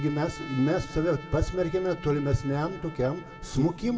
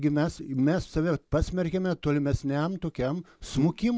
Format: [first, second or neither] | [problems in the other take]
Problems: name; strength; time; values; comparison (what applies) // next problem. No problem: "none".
second | background sound (Trumpet); 17 dB below the speech // room echo; dies away in 1 s